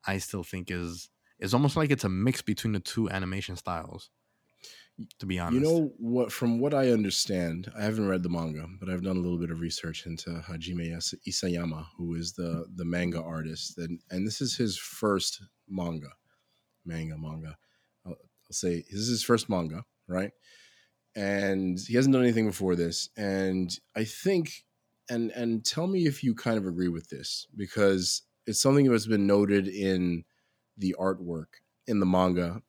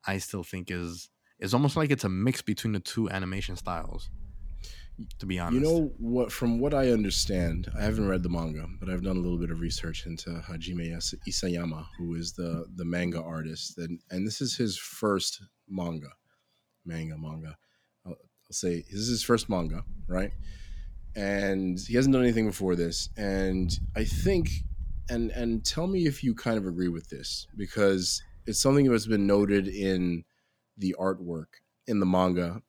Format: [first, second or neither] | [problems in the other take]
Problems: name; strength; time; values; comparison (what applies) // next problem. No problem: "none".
first | wind noise on the microphone; occasional gusts; from 3.5 to 13 s and from 19 to 30 s; 25 dB below the speech